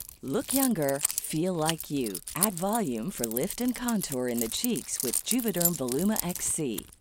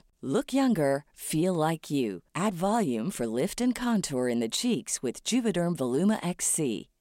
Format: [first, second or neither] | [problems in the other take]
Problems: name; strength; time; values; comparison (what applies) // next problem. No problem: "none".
second | jangling keys; loud; peak 4 dB above the speech